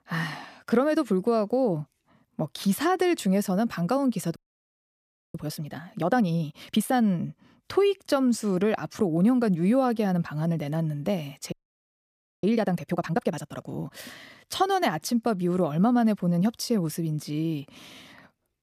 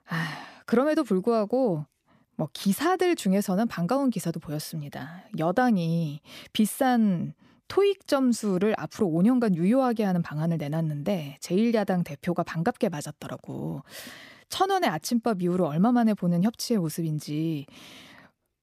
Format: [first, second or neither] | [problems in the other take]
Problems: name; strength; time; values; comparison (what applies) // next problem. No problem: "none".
second | audio freezing; at 4.5 s for 1 s and at 12 s for 1 s